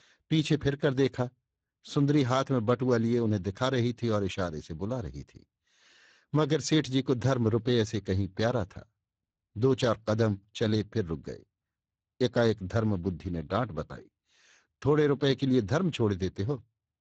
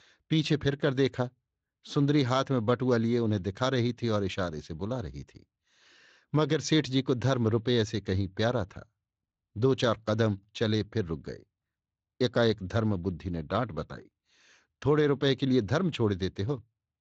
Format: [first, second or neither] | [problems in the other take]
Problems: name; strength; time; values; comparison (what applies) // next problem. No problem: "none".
second | garbled, watery; badly; nothing above 7.5 kHz; slightly in the second